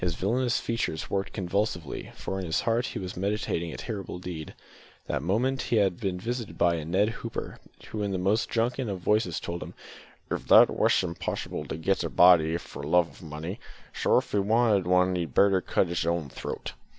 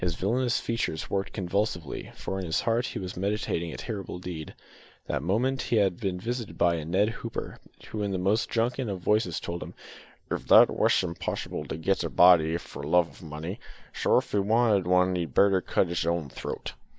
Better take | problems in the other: first | noise reduction (neural mask model Resemble Enhance denoiser)

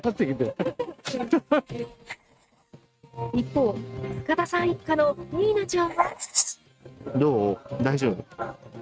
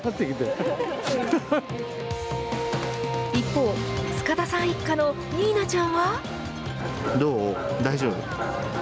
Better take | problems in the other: second | noise reduction (neural mask model RNNoise)

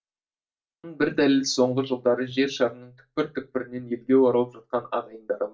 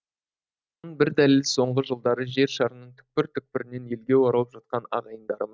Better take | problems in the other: second | room echo; dies away in 0.2 s

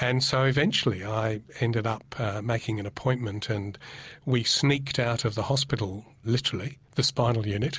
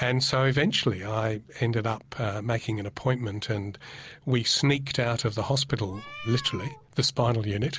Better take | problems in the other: first | background sound (Meow); 16 dB below the speech

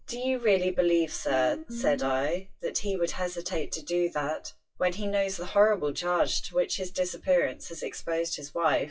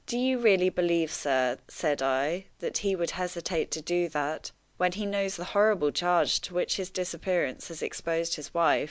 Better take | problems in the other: second | noise reduction (classical method WPE with log-MMSE)

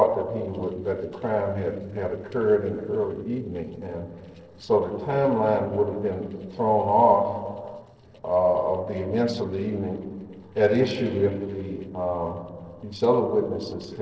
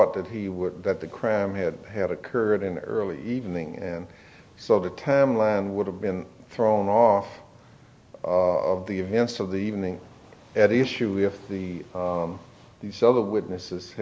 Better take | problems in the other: second | noise reduction (neural separator model SepFormer DNS4)

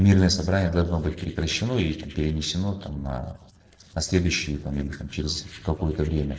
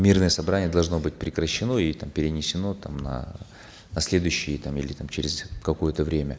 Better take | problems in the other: second | noise reduction (neural separator model SepFormer DNS4)

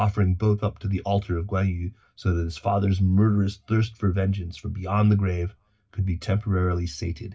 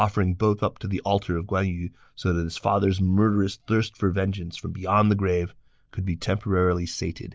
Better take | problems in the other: second | room echo; dies away in 0.4 s

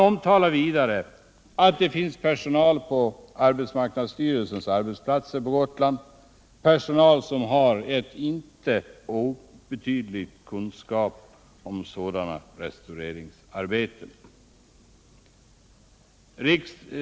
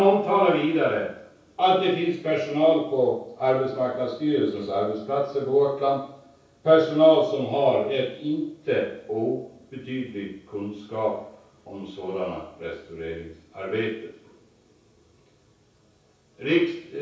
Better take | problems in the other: first | room echo; dies away in 0.6 s

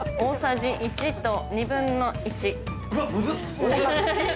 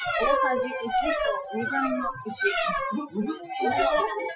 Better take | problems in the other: first | noise reduction (classical method Wiener filter)

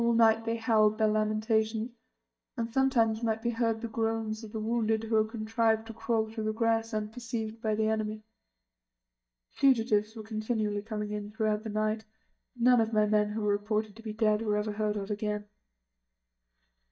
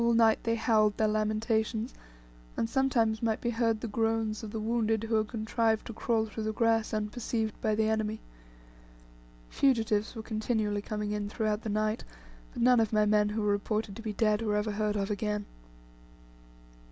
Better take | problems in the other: second | noise reduction (neural mask model DeepFilterNet 3)

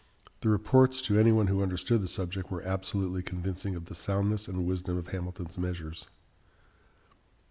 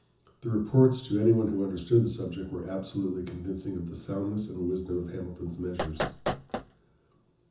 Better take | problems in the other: first | background sound (Knock); 5 dB below the speech // room echo; dies away in 0.6 s

